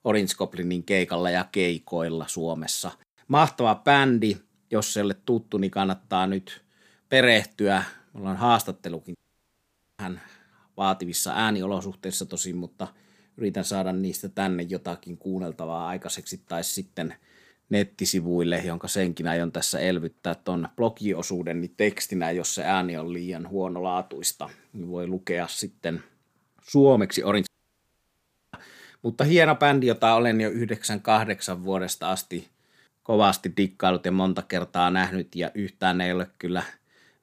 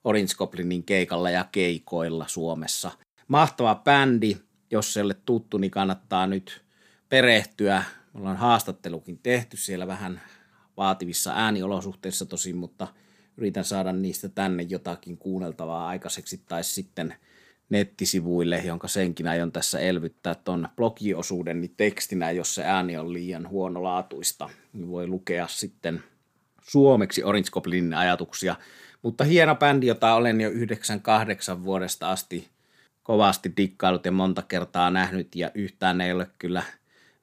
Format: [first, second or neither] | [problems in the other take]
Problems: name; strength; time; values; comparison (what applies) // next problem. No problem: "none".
second | audio cutting out; at 9 s for 1 s and at 27 s for 1 s